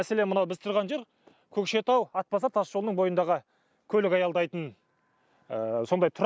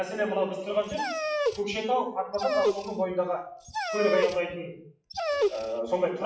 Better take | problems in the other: first | noise reduction (classical method WPE with log-MMSE)

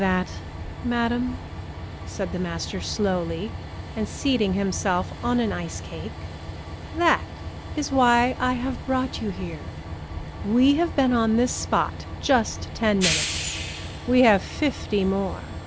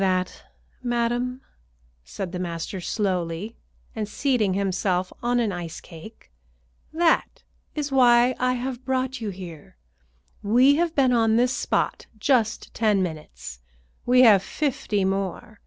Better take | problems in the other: second | background sound (Train); 8 dB below the speech

